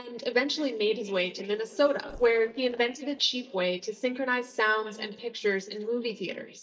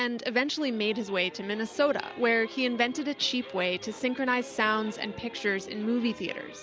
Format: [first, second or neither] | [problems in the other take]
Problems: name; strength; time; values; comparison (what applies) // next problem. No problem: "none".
second | noise reduction (neural mask model DeepFilterNet 3)